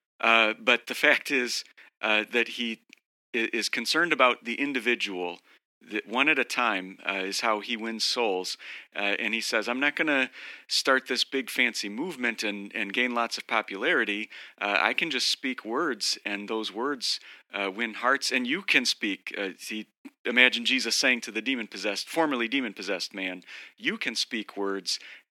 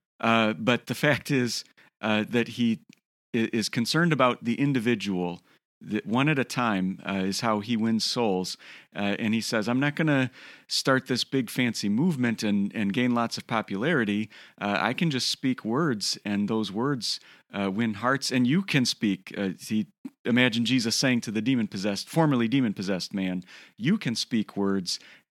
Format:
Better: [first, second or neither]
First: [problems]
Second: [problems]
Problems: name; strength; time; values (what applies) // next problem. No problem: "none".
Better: second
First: thin; somewhat; fading below 300 Hz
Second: none